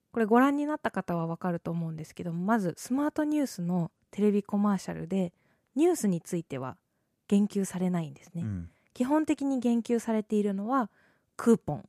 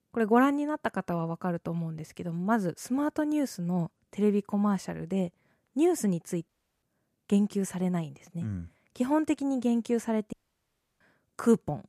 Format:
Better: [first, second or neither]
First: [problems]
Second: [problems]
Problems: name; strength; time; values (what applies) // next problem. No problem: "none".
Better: first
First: none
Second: audio cutting out; at 6.5 s and at 10 s for 0.5 s